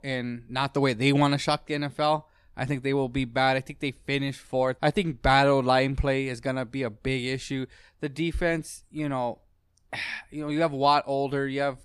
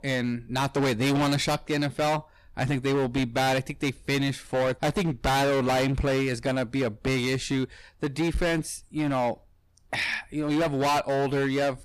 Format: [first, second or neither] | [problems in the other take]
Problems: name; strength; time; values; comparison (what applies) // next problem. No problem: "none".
first | distortion; heavy; 20% of the sound clipped